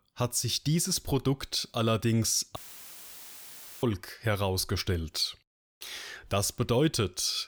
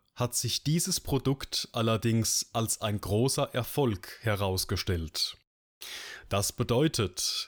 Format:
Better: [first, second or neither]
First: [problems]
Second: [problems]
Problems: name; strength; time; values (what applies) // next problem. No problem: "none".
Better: second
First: audio cutting out; filled with static; at 2.5 s for 1.5 s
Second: none